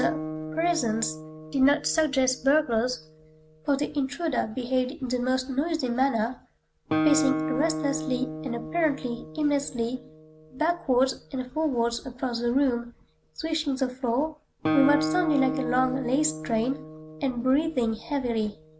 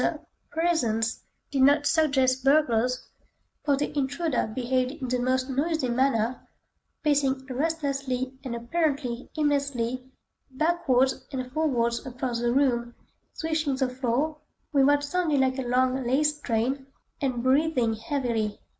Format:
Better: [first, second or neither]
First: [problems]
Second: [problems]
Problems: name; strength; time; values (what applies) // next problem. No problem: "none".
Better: second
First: background sound (Guitar); 7 dB below the speech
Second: none